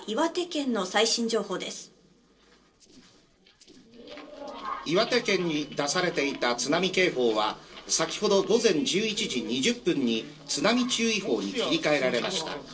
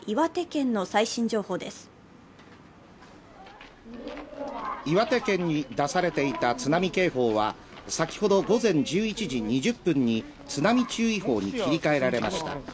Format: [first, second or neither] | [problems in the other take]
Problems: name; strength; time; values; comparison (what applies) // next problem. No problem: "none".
second | noise reduction (neural separator model SepFormer DNS4)